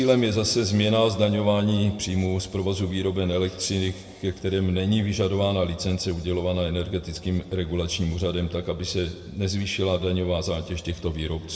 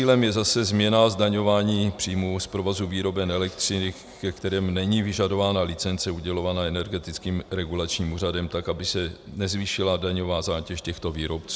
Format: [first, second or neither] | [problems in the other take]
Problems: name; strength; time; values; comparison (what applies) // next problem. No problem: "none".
second | room echo; dies away in 1.1 s